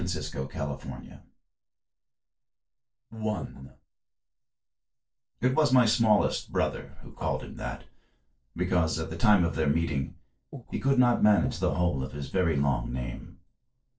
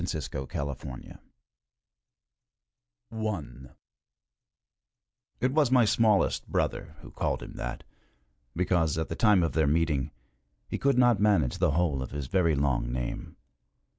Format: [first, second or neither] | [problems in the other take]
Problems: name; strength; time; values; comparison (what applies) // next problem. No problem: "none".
second | noise reduction (neural separator model SepFormer DNS4)